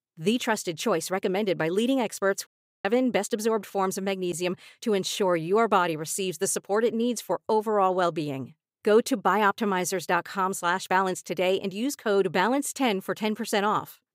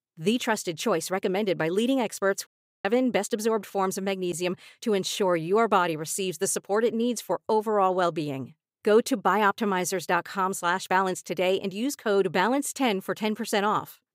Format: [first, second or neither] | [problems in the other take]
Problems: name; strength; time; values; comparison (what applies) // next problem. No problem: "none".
neither | audio cutting out; at 2.5 s; the same in both